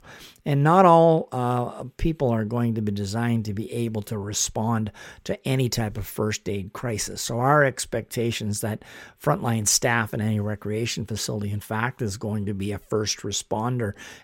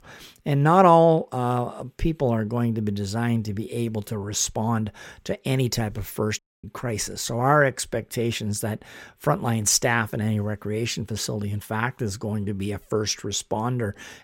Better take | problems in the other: first | audio cutting out; at 6.5 s

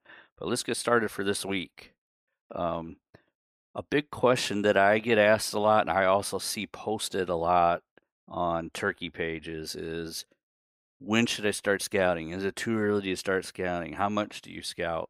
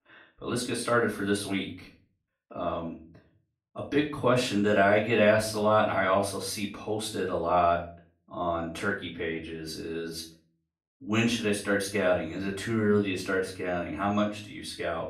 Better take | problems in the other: first | off-mic speech; far // room echo; slight; dies away in 0.4 s

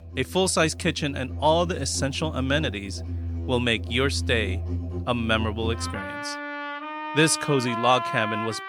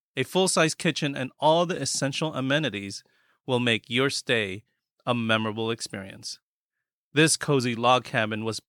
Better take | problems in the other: second | background music; loud; throughout; 8 dB below the speech

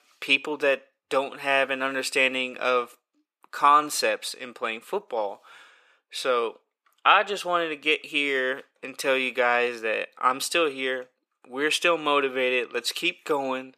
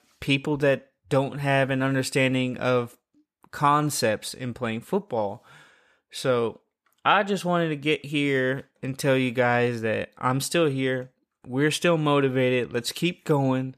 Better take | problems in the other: second | thin; somewhat; fading below 350 Hz

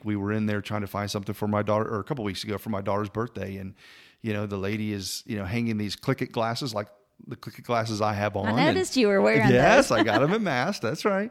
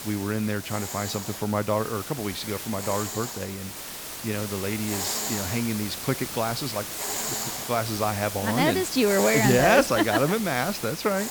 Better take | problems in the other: first | hiss; loud; throughout; 6 dB below the speech

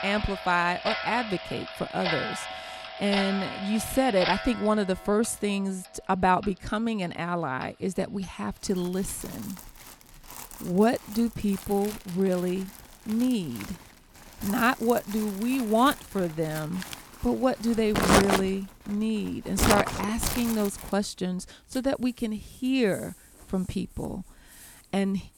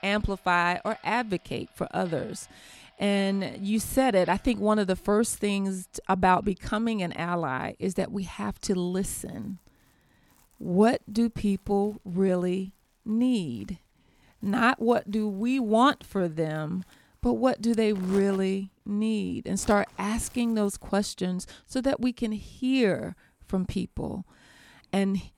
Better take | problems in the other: second | household noises; loud; throughout; 5 dB below the speech; faint in the second

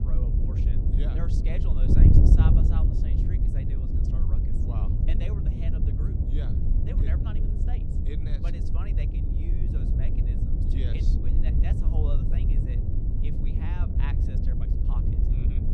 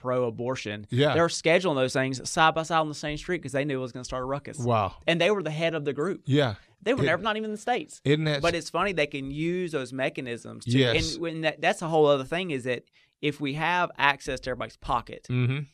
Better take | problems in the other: second | wind noise on the microphone; heavy; 5 dB above the speech

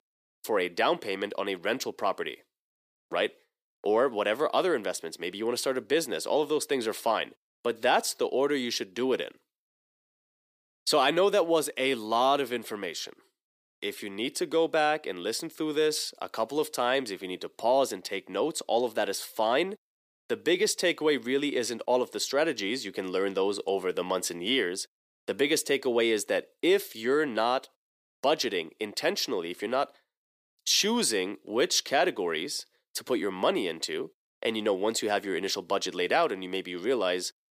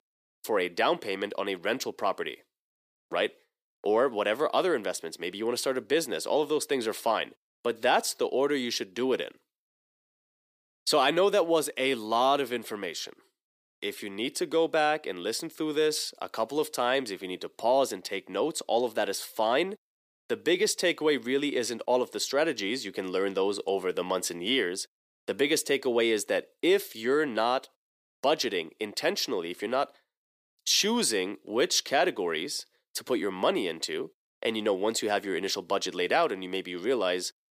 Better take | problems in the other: neither | thin; somewhat; fading below 300 Hz; the same in both

